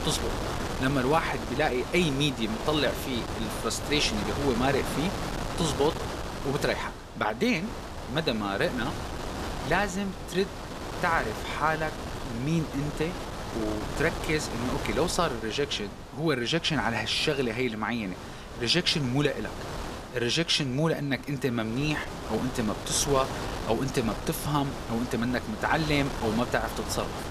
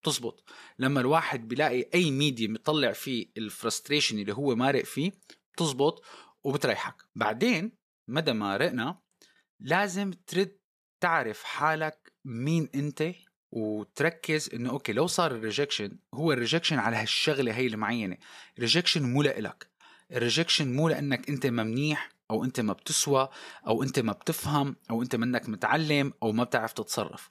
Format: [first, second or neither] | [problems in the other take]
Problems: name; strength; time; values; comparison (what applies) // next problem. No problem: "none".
second | wind noise on the microphone; heavy; 7 dB below the speech